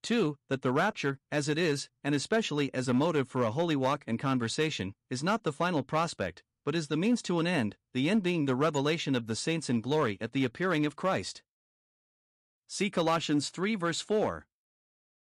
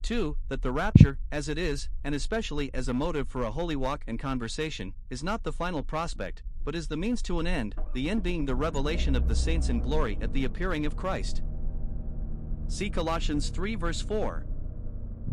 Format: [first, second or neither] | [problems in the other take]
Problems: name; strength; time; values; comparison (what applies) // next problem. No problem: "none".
first | low rumble; loud; throughout; 8 dB below the speech